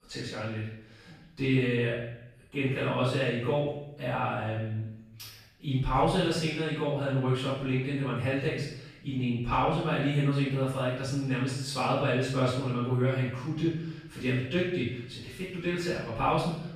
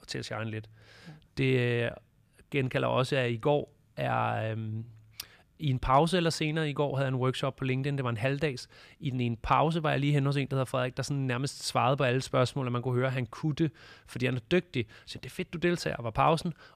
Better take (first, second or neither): second